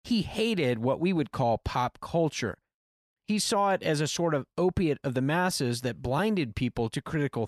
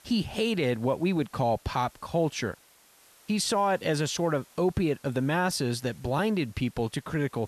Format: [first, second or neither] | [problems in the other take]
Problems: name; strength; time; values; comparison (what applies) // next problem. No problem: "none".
first | hiss; faint; throughout; 25 dB below the speech